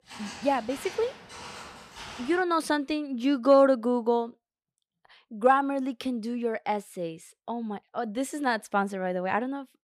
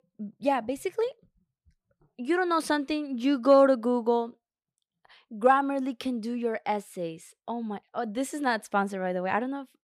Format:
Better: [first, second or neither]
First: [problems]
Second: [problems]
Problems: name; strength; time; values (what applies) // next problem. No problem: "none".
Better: second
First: footsteps; faint; until 2.5 s; peak 15 dB below the speech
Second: none